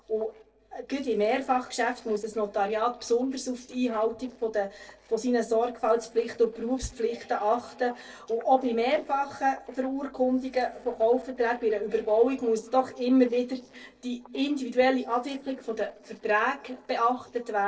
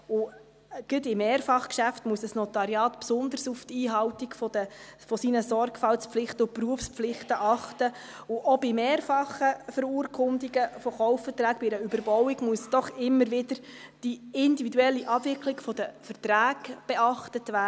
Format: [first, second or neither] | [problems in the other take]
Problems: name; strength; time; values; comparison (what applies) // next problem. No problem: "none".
second | noise reduction (neural separator model SepFormer DNS4)